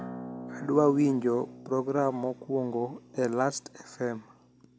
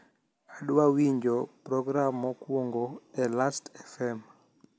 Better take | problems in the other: second | background sound (Acoustic guitar); 16 dB below the speech

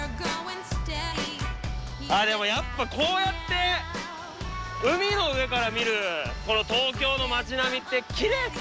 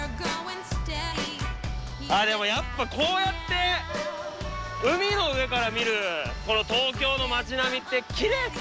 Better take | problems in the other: first | background sound (Piano); 19 dB below the speech

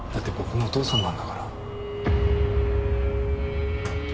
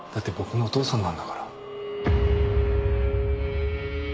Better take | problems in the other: second | background sound (Slam); 8 dB below the speech

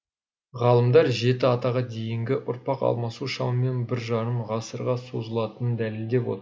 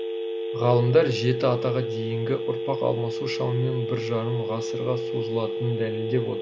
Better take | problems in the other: first | background sound (Telephone); 4 dB below the speech

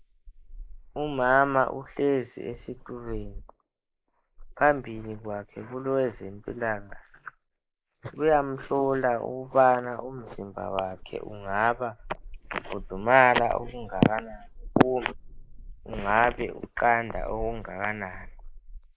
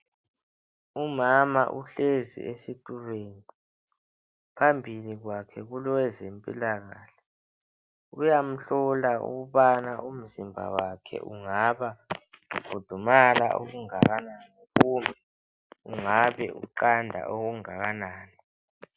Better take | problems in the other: second | noise reduction (neural mask model Resemble Enhance denoiser)

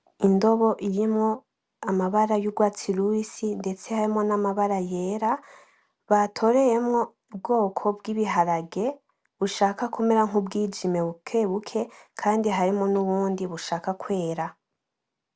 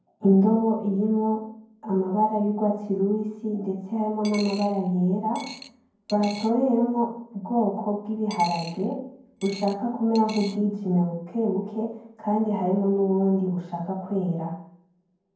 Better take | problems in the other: first | background sound (Coin (dropping)); 18 dB below the speech // room echo; dies away in 0.9 s

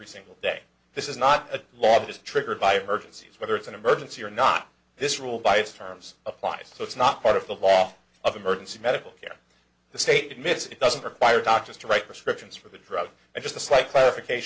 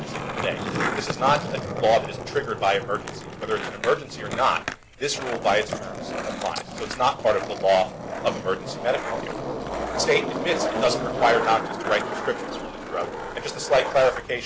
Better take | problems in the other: first | background sound (Skateboard); 5 dB below the speech

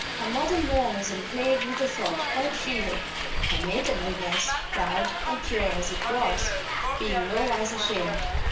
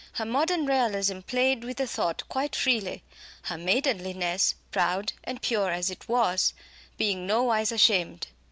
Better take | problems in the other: second | background sound (Hiss); 1 dB above the speech // room echo; dies away in 0.7 s

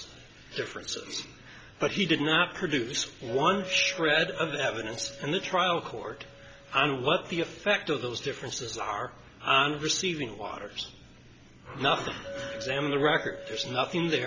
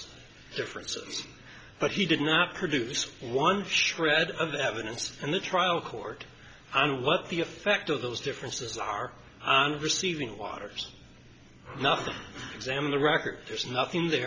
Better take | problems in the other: second | background sound (Chink, clink); 16 dB below the speech

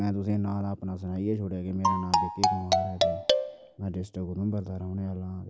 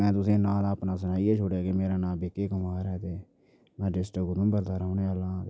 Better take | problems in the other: second | background sound (Marimba, xylophone); 5 dB above the speech

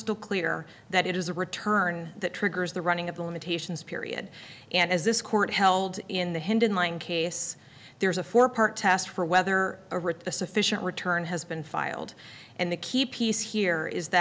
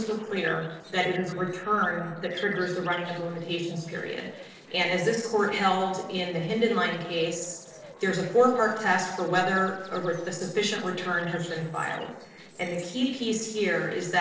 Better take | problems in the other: first | noise reduction (neural separator model SepFormer DNS4)

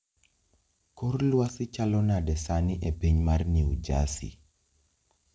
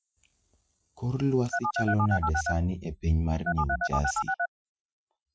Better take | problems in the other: first | noise reduction (classical method Wiener filter)

